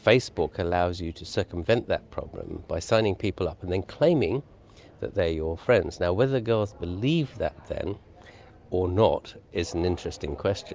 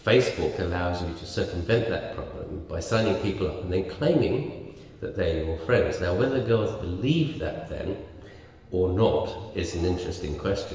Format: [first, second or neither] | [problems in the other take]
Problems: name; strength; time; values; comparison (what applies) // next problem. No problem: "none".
first | room echo; dies away in 1.5 s